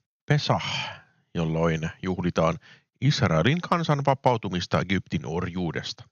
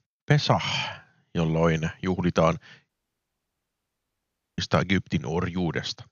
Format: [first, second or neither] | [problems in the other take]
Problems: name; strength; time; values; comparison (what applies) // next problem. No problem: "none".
first | audio cutting out; at 3 s for 1.5 s